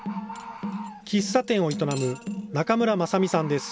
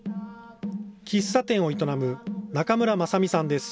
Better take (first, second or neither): second